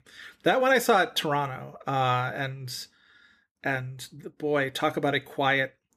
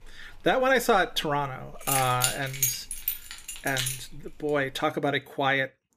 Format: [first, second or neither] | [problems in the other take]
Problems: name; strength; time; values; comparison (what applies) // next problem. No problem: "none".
first | jangling keys; loud; until 4.5 s; peak 2 dB above the speech